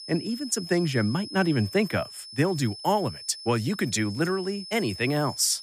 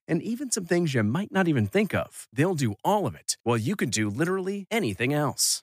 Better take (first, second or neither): second